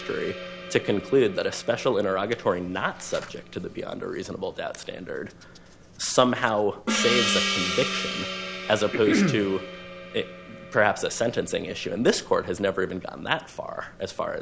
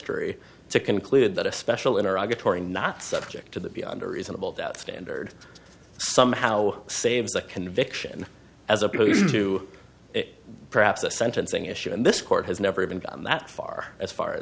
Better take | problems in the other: second | background sound (Gong); 8 dB below the speech

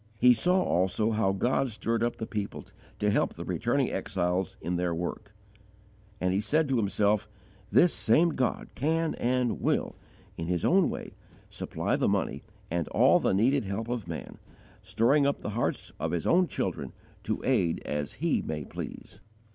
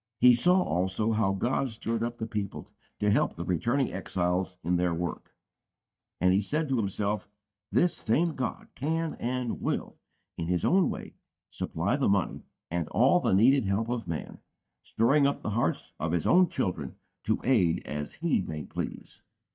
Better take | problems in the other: first | noise reduction (neural mask model DeepFilterNet 3)

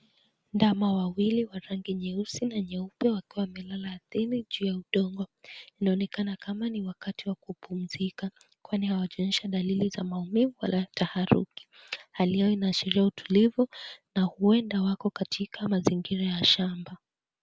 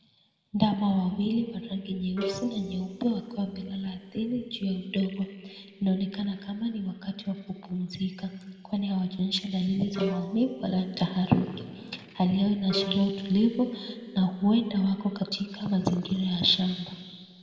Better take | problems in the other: first | background sound (Bowed string instrument); 12 dB below the speech // room echo; dies away in 2 s

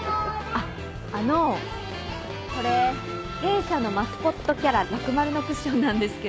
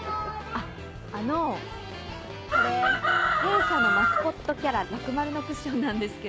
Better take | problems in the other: first | background sound (Chicken, rooster); 5 dB above the speech

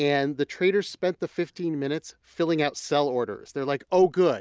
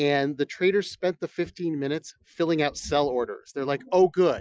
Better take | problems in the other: first | noise reduction (classical method Wiener filter)

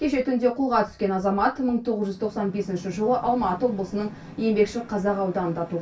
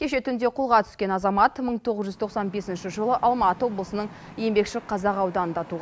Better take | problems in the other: second | room echo; dies away in 0.2 s

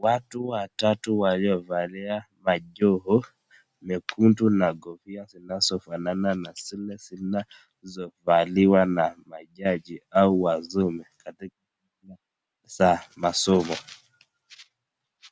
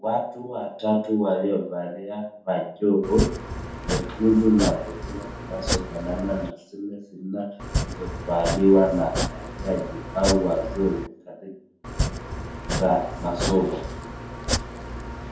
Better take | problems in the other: first | background sound (Domestic sounds, home sounds); 4 dB below the speech // room echo; dies away in 0.6 s

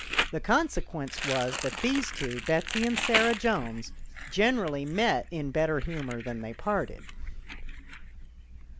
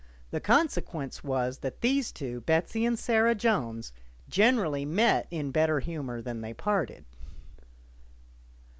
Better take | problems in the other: second | background sound (Crumpling, crinkling); 6 dB below the speech

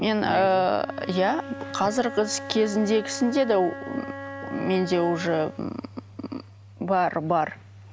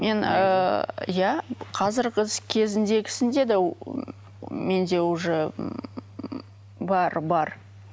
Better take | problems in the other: second | background sound (Wind instrument, woodwind instrument); 14 dB below the speech

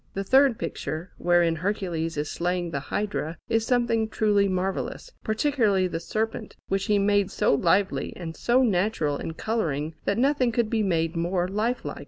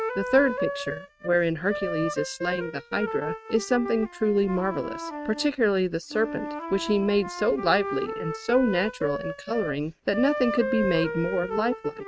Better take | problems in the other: first | noise reduction (neural mask model RNNoise)

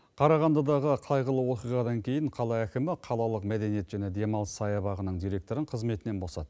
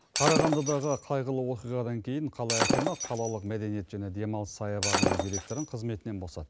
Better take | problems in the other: first | background sound (Shatter); 1 dB below the speech

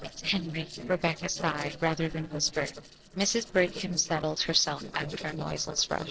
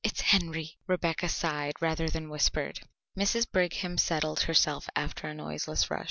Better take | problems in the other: second | noise reduction (neural separator model SepFormer DNS4)

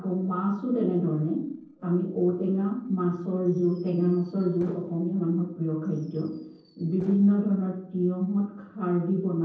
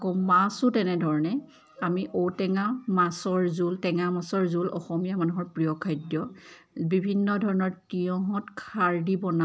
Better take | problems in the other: second | noise reduction (neural separator model SepFormer DNS4)

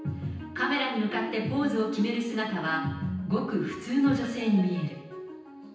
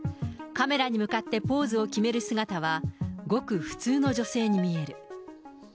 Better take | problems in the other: second | room echo; dies away in 0.9 s

